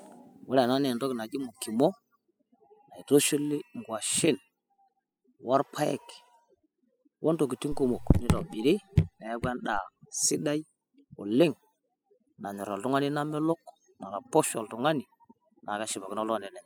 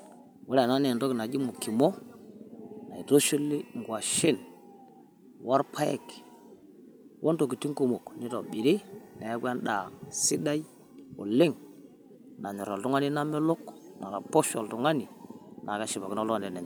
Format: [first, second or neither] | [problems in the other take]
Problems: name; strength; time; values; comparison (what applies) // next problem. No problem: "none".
second | noise reduction (classical method spectral subtraction)